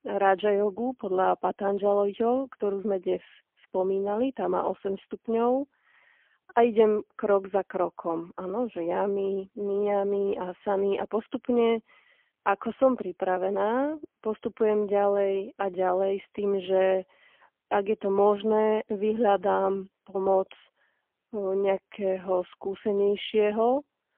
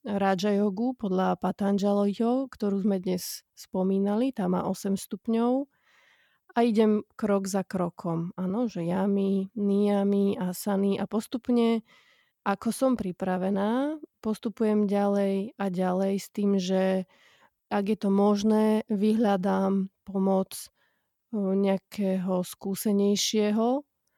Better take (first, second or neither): second